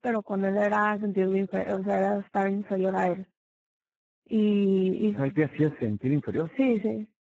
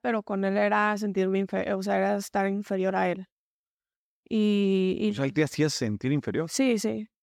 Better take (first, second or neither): second